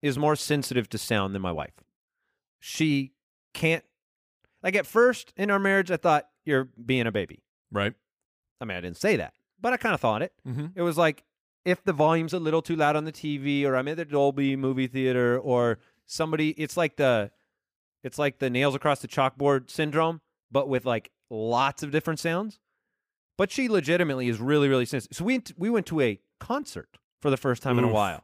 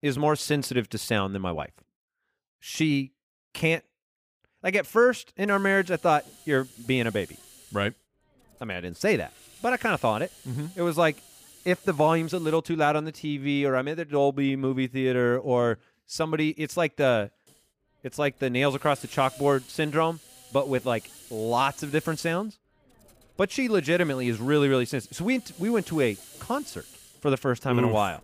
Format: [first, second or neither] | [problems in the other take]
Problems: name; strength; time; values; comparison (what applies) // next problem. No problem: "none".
first | hiss; faint; from 5.5 to 13 s and from 17 s on; 20 dB below the speech